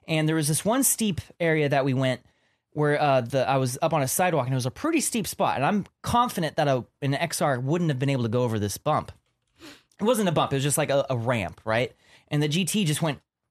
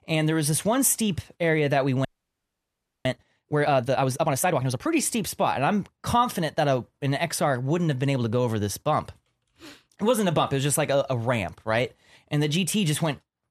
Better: first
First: none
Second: audio freezing; at 2 s for 1 s

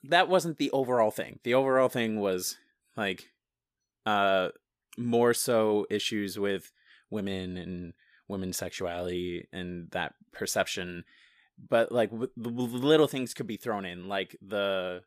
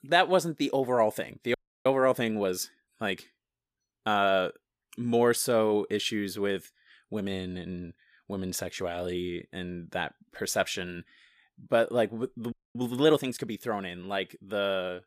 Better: first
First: none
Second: audio freezing; at 1.5 s and at 13 s

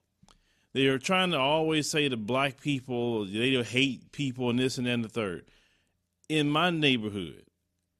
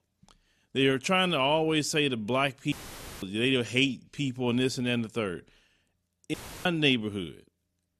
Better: first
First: none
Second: audio cutting out; filled with static; at 2.5 s for 0.5 s and at 6.5 s

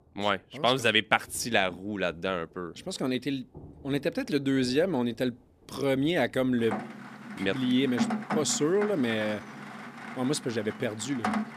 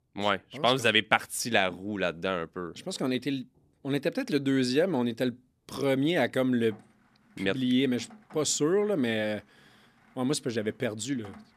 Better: second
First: rain or running water; loud; throughout; 9 dB below the speech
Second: rain or running water; faint; throughout; 30 dB below the speech

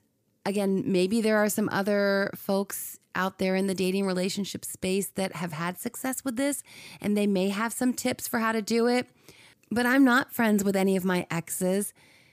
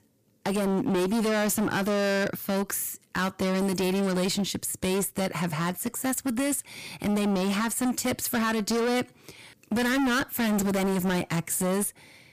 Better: first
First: none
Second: distortion; heavy; 26% of the sound clipped

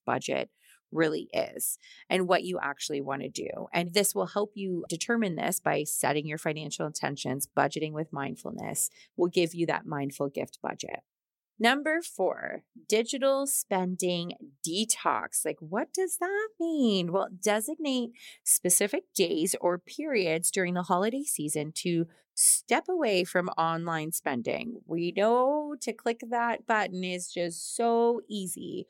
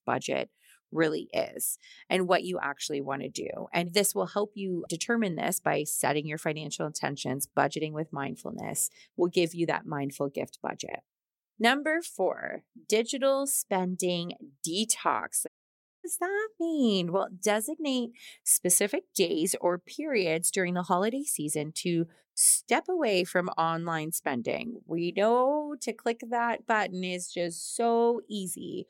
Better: first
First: none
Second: audio cutting out; at 15 s for 0.5 s

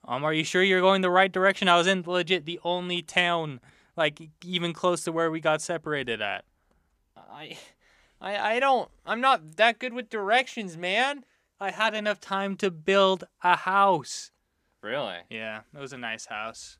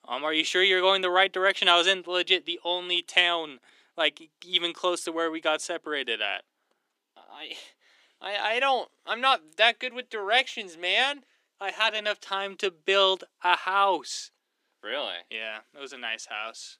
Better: first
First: none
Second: thin; somewhat; fading below 300 Hz

